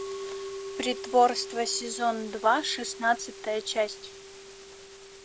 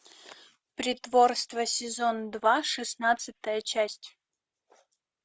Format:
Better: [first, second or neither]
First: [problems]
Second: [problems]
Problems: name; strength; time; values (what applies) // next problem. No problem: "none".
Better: second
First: background sound (Musical instrument); 11 dB below the speech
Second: none